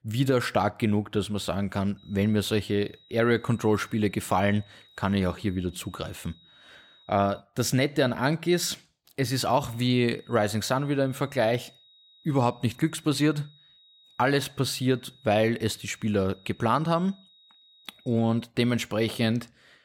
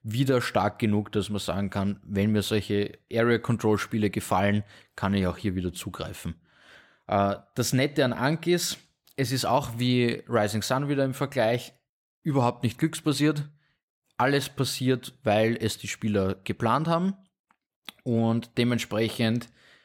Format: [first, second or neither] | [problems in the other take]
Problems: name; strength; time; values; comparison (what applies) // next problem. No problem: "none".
second | high-pitched whine; faint; from 2 to 7.5 s and from 9.5 to 18 s; 4 kHz, 30 dB below the speech